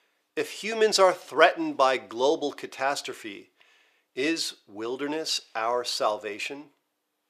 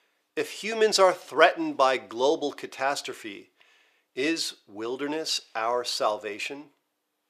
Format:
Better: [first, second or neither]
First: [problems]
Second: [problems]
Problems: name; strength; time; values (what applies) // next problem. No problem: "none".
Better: neither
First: thin; somewhat; fading below 450 Hz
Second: thin; somewhat; fading below 450 Hz